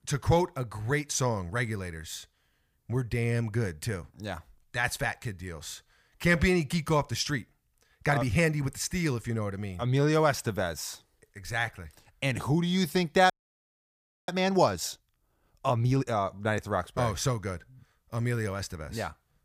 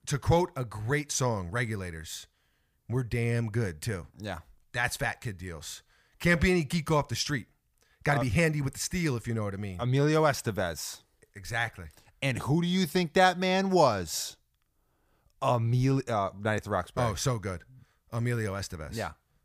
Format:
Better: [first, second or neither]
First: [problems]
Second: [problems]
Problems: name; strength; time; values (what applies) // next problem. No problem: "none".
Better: second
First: audio freezing; at 13 s for 1 s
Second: none